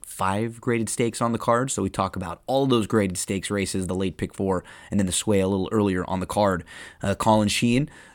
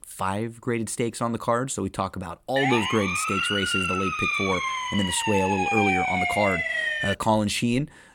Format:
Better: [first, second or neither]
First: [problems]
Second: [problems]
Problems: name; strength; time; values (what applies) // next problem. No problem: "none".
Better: first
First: none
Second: siren; loud; from 2.5 to 7 s; peak 4 dB above the speech